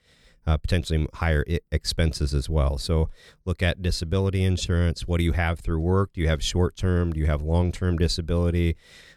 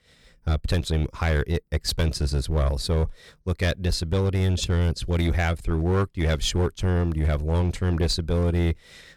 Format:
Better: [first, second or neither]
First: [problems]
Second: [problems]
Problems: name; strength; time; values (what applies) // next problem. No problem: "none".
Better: first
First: none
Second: distortion; slight; 11% of the sound clipped